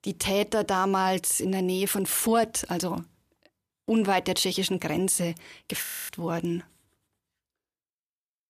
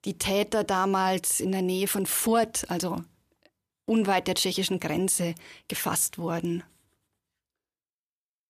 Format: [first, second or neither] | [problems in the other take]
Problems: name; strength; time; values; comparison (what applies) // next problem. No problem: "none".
second | audio freezing; at 6 s